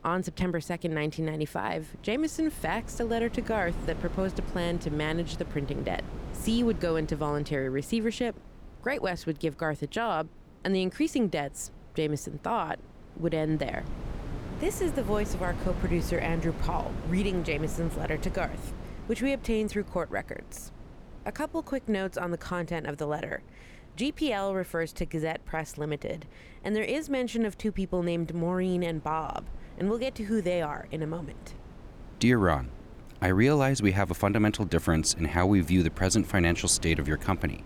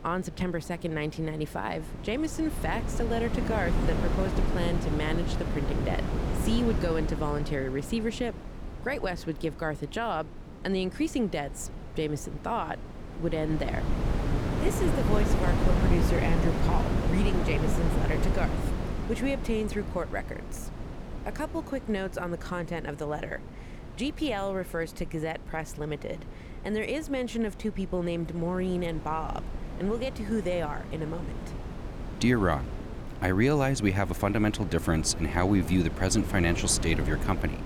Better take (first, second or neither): first